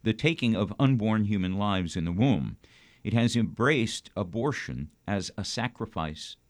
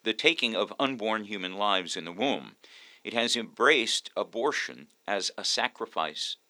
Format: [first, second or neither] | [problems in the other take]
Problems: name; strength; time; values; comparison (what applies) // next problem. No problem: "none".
first | thin; very; fading below 400 Hz